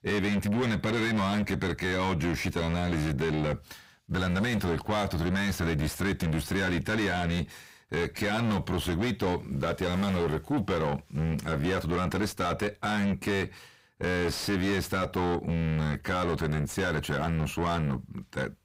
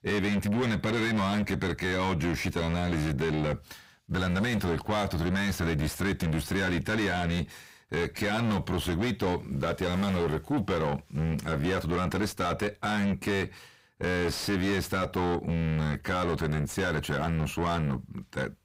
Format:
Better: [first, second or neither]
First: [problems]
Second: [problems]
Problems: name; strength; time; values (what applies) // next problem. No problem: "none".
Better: neither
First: distortion; heavy; 6 dB below the speech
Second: distortion; heavy; 6 dB below the speech